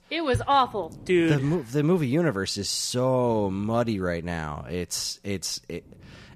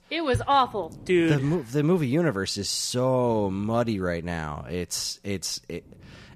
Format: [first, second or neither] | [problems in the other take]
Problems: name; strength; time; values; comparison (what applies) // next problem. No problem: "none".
neither | none